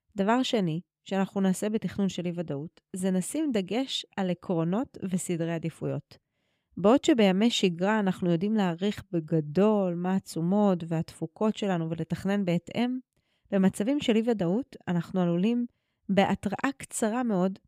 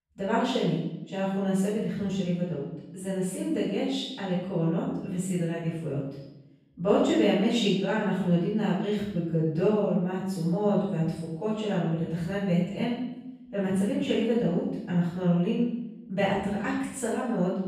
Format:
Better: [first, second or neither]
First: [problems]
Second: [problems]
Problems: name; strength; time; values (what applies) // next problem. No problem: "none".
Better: first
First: none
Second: off-mic speech; far // room echo; strong; dies away in 0.8 s